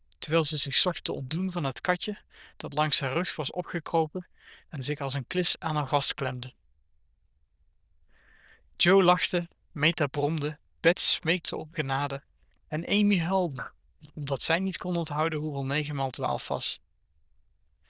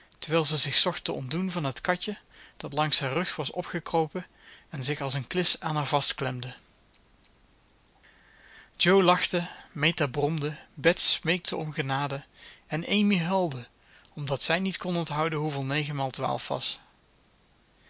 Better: second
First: noise reduction (neural diffusion model UNIVERSE++)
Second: none

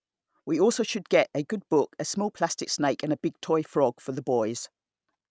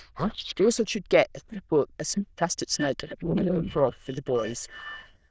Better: first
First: none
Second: noise reduction (neural diffusion model UNIVERSE++)

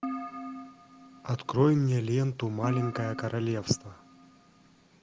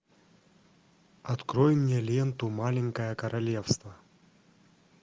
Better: second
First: background sound (Keyboard (musical)); 11 dB below the speech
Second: none

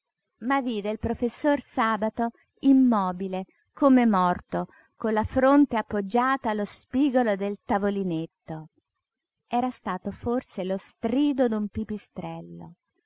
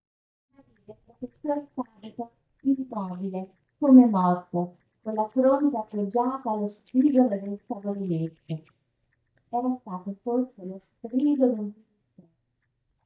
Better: first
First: none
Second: noise reduction (neural mask model DeepFilterNet 3)

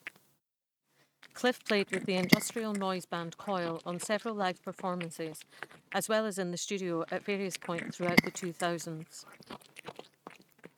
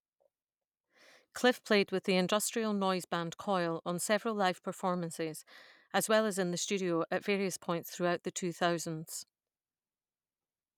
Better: second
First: noise reduction (neural mask model RNNoise)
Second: none

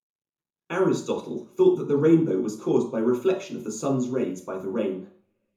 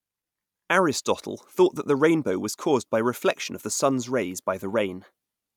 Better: second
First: room echo; dies away in 0.5 s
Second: none

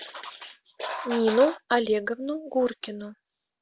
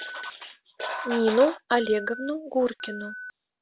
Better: first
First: none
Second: background sound (Alarm); 15 dB below the speech

